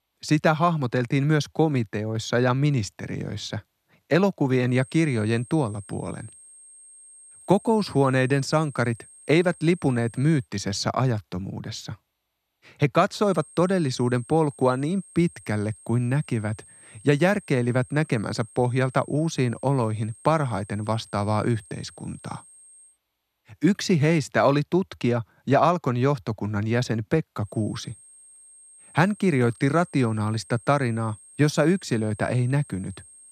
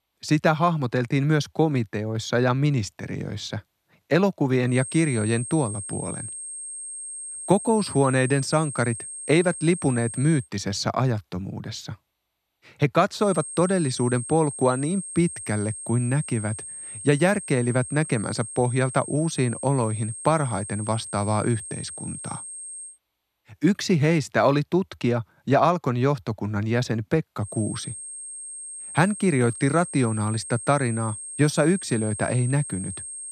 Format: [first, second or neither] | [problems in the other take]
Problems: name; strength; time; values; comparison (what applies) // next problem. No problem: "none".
first | high-pitched whine; loud; from 4.5 to 10 s, from 13 to 23 s and from 27 s on; 8.5 kHz, 10 dB below the speech; faint in the first